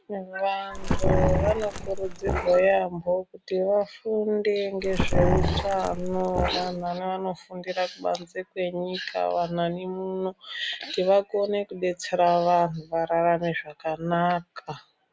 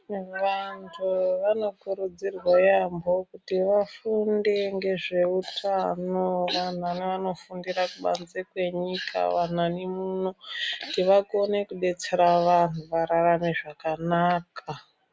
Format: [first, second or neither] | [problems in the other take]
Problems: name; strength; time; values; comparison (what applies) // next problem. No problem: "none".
second | background sound (Growling); 1 dB above the speech